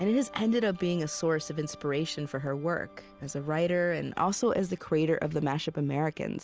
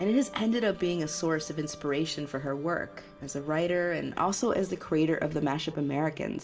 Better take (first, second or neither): first